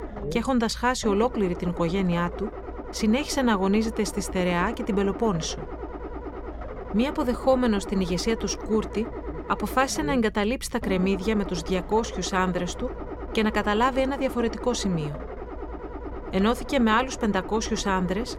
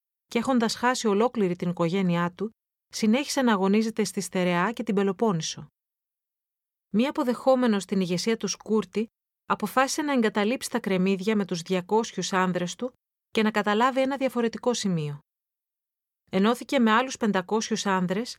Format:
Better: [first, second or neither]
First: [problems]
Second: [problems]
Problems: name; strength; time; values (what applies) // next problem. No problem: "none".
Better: second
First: low rumble; noticeable; throughout; 10 dB below the speech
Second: none